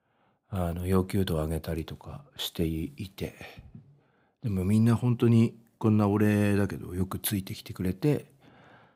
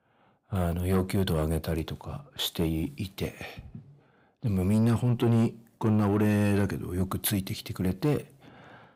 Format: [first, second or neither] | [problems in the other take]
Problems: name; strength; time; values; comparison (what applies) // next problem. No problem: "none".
first | distortion; slight; 10 dB below the speech